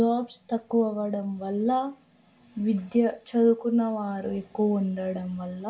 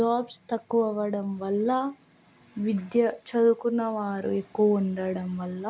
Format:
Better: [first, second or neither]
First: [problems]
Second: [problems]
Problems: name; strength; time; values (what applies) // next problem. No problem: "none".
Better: second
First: room echo; dies away in 0.3 s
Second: none